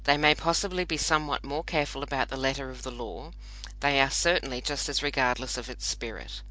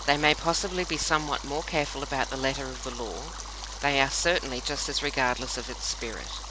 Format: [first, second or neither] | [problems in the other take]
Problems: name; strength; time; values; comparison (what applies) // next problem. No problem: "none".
first | background sound (Stream); 12 dB below the speech